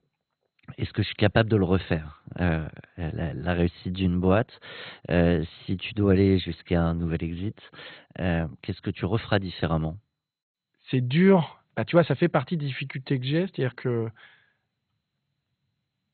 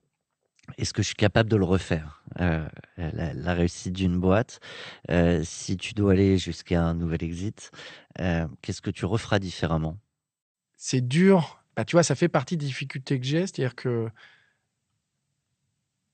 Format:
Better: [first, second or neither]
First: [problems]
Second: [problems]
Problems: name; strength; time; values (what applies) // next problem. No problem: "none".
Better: second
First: garbled, watery; badly; nothing above 4 kHz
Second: garbled, watery; slightly; nothing above 8.5 kHz